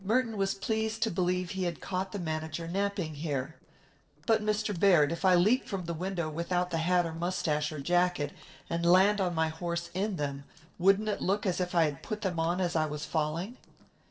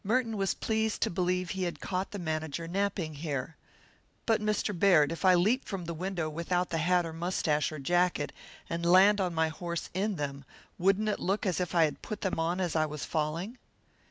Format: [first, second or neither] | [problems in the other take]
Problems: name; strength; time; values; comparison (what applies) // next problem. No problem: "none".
second | noise reduction (neural separator model SepFormer DNS4)